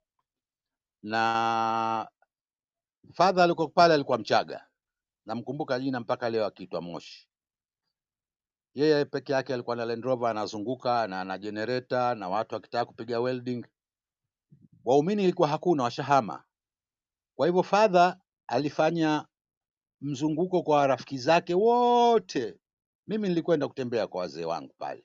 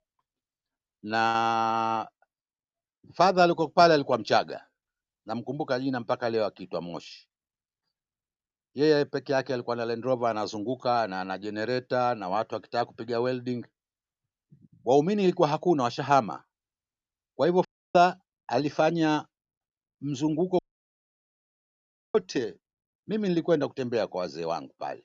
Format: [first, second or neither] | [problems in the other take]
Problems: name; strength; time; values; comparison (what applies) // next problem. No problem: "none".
first | audio cutting out; at 18 s and at 21 s for 1.5 s